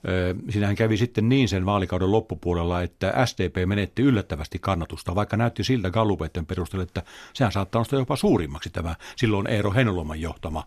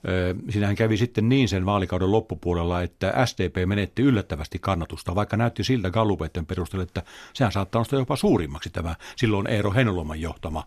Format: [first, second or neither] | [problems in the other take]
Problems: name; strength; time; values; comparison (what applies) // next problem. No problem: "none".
neither | none